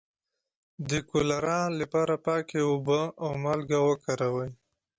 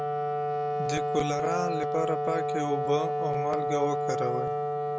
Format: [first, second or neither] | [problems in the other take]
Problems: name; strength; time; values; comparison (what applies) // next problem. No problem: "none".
first | background sound (Wind instrument, woodwind instrument); 3 dB above the speech